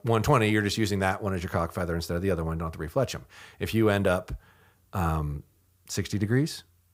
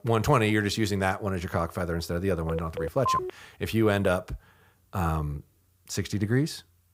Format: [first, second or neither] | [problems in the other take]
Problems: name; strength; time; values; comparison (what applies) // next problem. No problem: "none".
first | phone ringing; noticeable; at 2.5 s; peak 1 dB below the speech